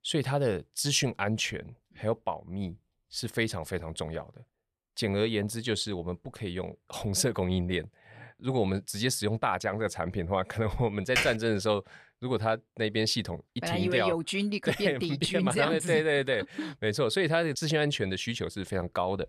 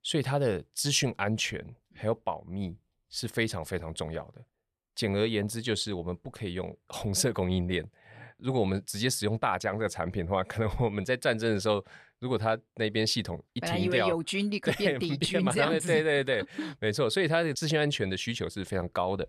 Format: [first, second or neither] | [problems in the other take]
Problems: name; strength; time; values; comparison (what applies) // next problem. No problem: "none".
second | keyboard typing; loud; at 11 s; peak 1 dB above the speech